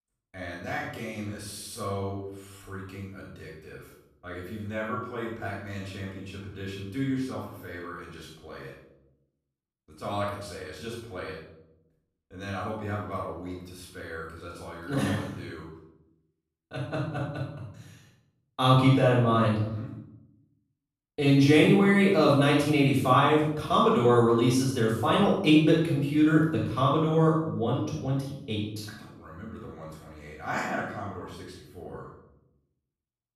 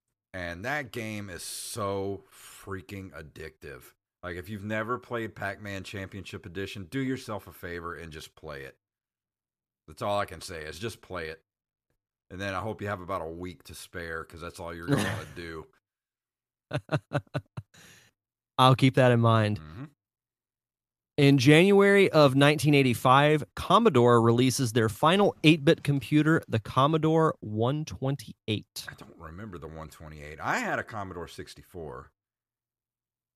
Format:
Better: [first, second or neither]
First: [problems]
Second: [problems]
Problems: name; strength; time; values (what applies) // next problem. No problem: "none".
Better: second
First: room echo; noticeable; dies away in 0.7 s // off-mic speech; far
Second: none